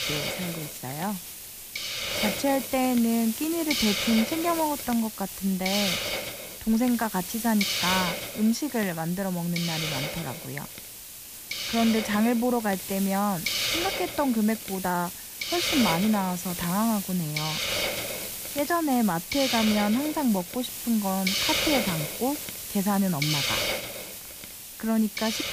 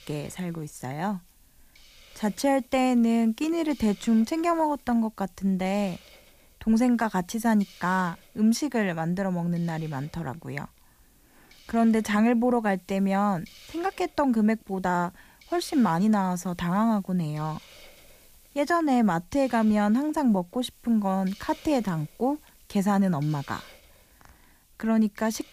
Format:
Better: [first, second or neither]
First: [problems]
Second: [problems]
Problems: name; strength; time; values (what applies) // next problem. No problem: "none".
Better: second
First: hiss; loud; throughout; 2 dB below the speech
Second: hiss; faint; throughout; 25 dB below the speech